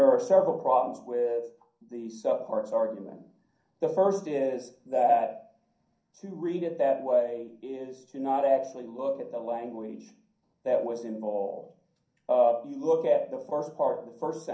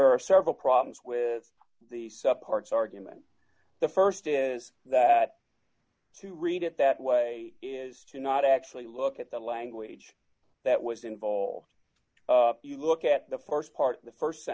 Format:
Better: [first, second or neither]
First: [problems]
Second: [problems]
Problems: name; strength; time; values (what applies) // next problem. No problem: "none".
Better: second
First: room echo; dies away in 0.6 s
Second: none